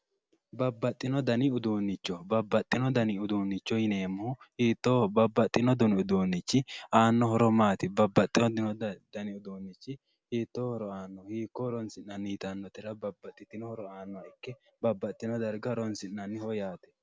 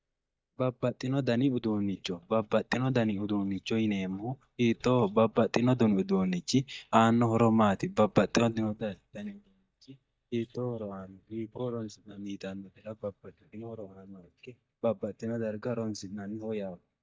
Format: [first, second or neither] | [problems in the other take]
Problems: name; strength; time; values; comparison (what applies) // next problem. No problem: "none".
first | noise reduction (neural mask model DeepFilterNet 3)